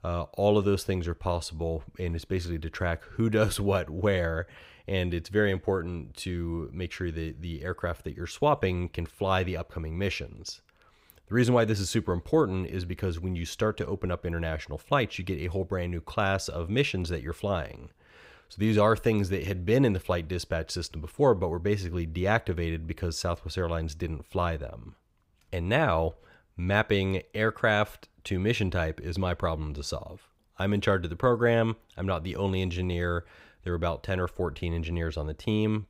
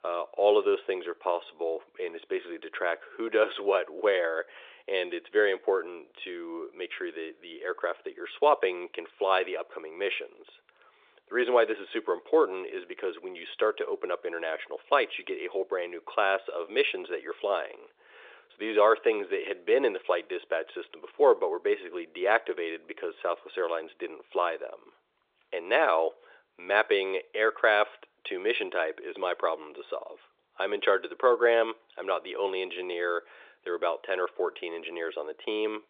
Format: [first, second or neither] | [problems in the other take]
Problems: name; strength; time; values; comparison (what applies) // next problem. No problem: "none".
first | phone-call audio; nothing above 3.5 kHz